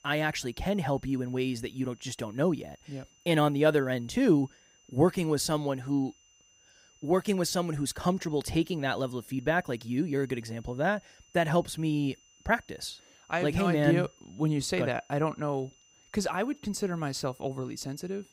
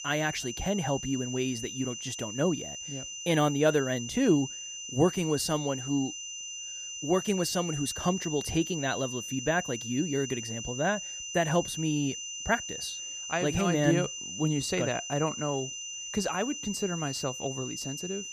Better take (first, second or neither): first